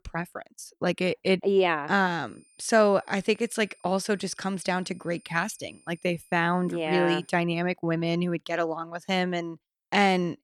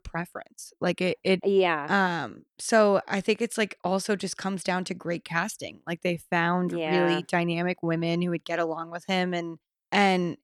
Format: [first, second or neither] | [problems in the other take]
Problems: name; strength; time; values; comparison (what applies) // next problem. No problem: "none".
second | high-pitched whine; faint; from 2.5 to 7.5 s; 9 kHz, 30 dB below the speech